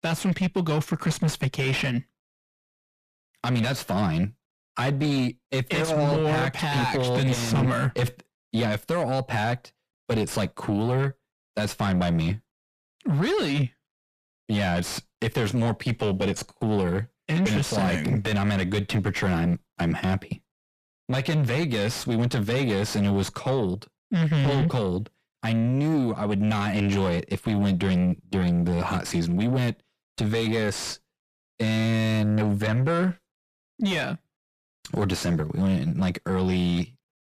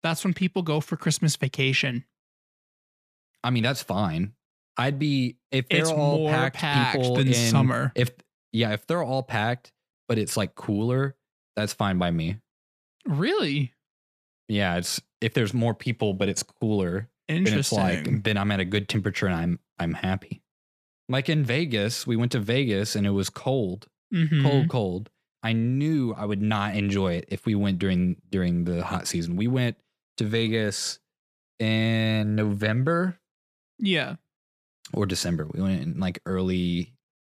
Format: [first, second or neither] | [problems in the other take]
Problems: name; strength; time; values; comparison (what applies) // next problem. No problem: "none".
second | distortion; heavy; 7 dB below the speech